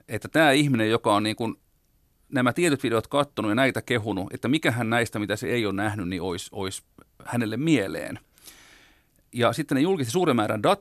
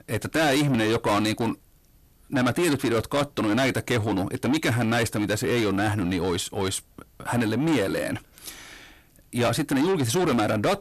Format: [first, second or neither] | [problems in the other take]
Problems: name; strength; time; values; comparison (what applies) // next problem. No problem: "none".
first | distortion; heavy; 7 dB below the speech